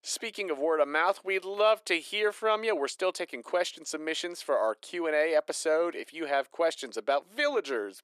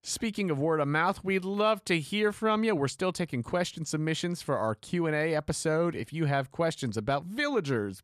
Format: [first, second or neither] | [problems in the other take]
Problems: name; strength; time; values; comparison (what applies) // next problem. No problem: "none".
second | thin; very; fading below 350 Hz